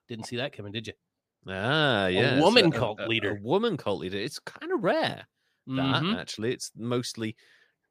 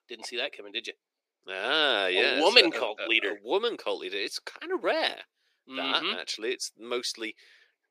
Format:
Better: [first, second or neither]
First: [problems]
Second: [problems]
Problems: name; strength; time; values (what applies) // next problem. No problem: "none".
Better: first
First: none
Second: thin; somewhat; fading below 350 Hz